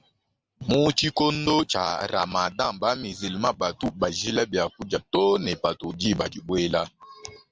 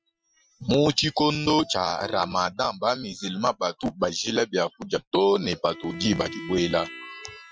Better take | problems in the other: first | noise reduction (classical method Wiener filter)

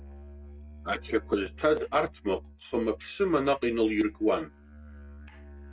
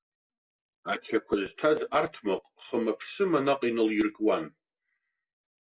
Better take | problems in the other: second | noise reduction (neural mask model RNNoise)

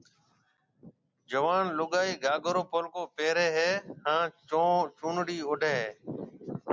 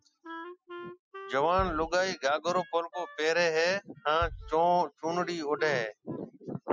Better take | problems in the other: first | noise reduction (classical method spectral subtraction)

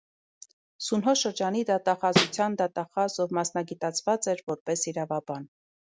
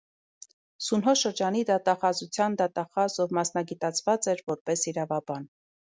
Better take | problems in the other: second | background sound (Snare drum); 5 dB above the speech

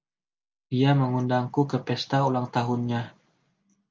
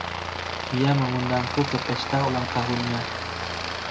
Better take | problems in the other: first | background sound (Aircraft); 3 dB below the speech

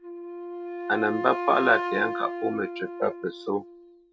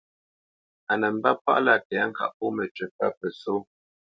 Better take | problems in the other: second | background sound (Wind instrument, woodwind instrument); 6 dB below the speech

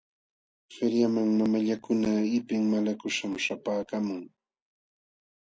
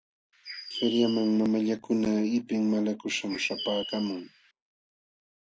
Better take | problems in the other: first | background sound (Bird); 11 dB below the speech

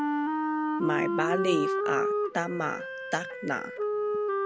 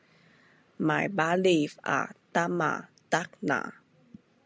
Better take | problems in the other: second | background sound (Wind instrument, woodwind instrument); 3 dB above the speech

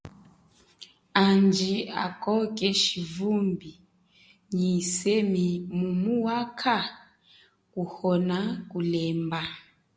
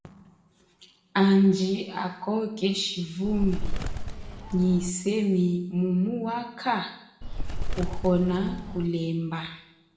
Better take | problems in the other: first | background sound (Bird); 2 dB below the speech // room echo; dies away in 0.8 s

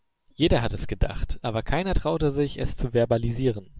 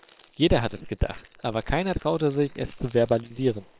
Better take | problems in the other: first | noise reduction (neural separator model SepFormer WHAM!)

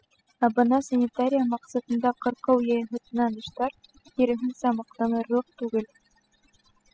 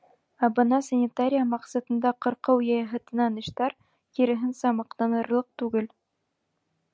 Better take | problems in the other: second | noise reduction (classical method spectral subtraction)

